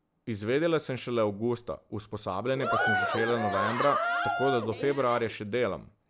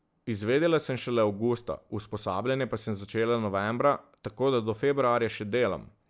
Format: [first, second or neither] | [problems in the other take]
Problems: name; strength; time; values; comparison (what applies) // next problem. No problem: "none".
second | background sound (Cheering); 1 dB below the speech